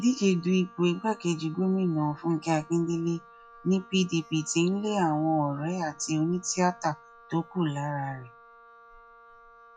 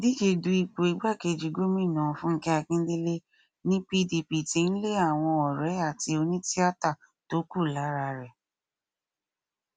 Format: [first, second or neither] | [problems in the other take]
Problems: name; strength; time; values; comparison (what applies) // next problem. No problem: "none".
second | noise reduction (classical method log-MMSE)